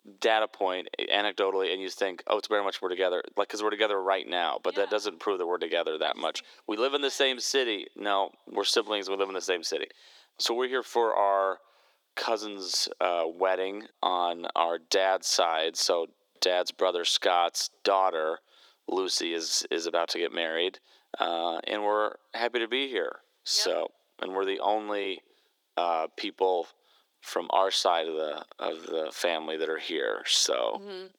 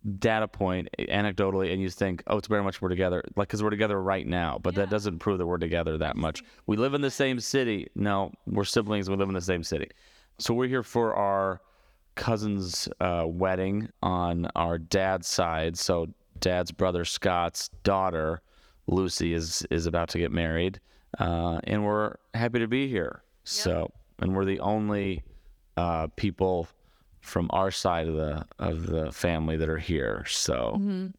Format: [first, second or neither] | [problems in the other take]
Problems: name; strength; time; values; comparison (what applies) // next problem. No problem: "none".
second | thin; very; fading below 350 Hz